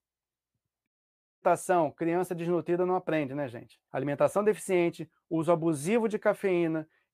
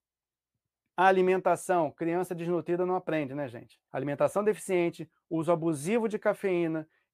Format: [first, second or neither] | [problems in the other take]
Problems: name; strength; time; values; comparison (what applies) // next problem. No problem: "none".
second | audio cutting out; at 1 s for 0.5 s